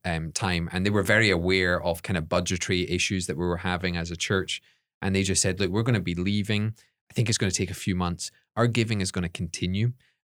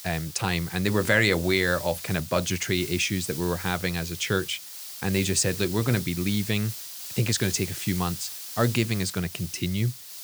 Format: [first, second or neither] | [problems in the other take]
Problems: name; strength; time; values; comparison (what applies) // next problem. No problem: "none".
first | hiss; loud; throughout; 9 dB below the speech